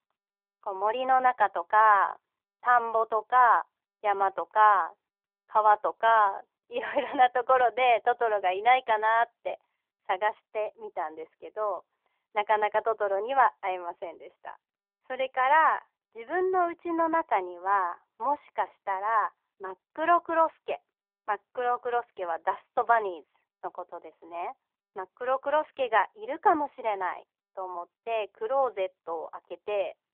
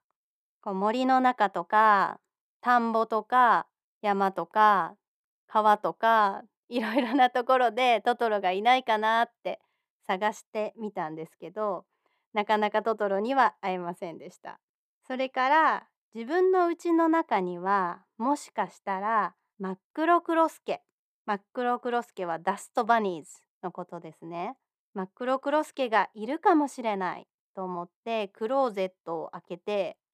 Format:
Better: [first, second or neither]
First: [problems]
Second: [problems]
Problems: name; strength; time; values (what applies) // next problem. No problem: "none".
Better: second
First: phone-call audio; nothing above 3.5 kHz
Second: none